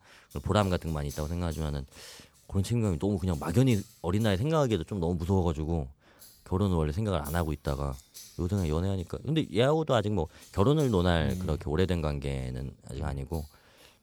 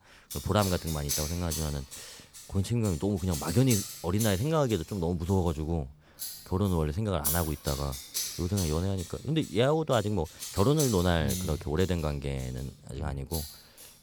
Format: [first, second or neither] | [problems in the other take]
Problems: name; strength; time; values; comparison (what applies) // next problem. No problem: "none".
first | household noises; loud; throughout; 6 dB below the speech; faint in the first